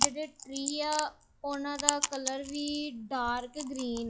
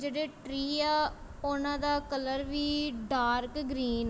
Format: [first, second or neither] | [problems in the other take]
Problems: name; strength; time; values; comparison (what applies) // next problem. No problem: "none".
second | noise reduction (classical method log-MMSE)